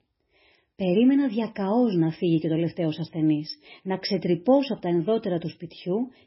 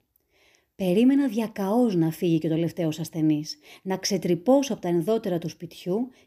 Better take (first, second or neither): second